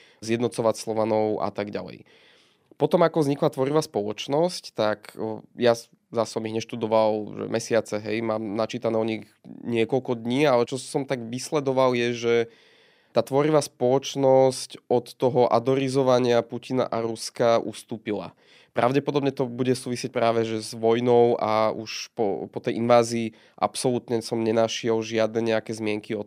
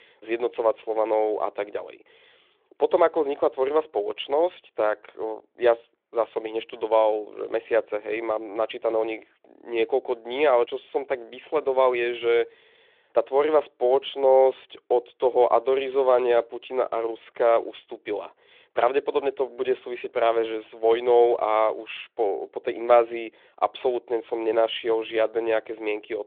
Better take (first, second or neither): first